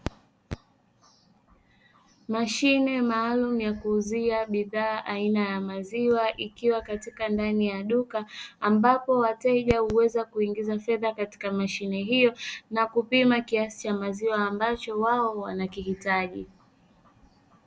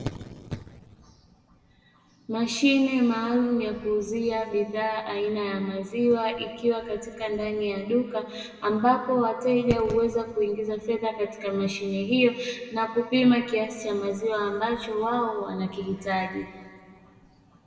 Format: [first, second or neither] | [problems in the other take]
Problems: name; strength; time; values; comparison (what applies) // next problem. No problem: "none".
first | room echo; dies away in 1.7 s